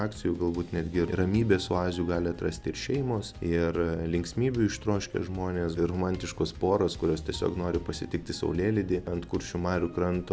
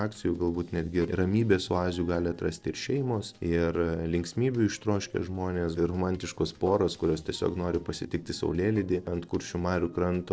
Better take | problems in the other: first | noise reduction (neural separator model SepFormer DNS4)

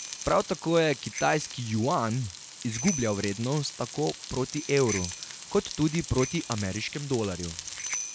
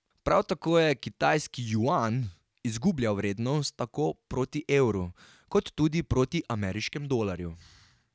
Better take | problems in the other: second | background sound (Bicycle bell + Frying (food)); 10 dB below the speech

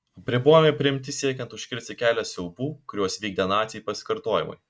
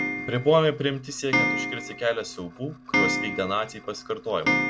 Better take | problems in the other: first | background sound (Clock); 1 dB below the speech

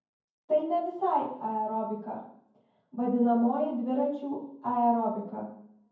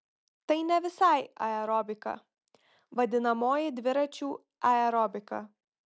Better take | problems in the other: second | room echo; dies away in 0.9 s

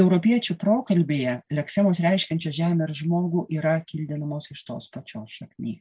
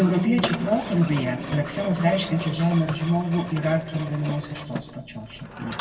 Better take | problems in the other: first | background sound (Mechanisms); 11 dB below the speech // room echo; dies away in 1.9 s

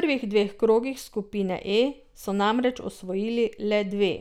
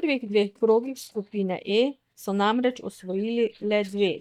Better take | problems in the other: first | noise reduction (neural mask model DeepFilterNet 3)

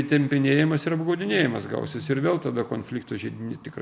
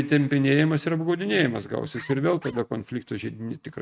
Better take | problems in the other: first | noise reduction (neural mask model RNNoise)

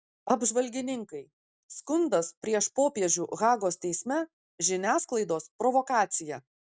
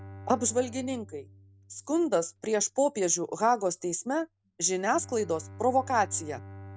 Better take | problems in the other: first | background sound (Bowed string instrument); 19 dB below the speech

